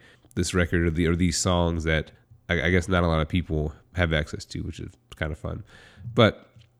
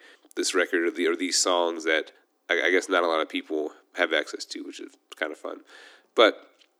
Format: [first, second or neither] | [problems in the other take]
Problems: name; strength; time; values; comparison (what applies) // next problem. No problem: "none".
first | thin; somewhat; fading below 300 Hz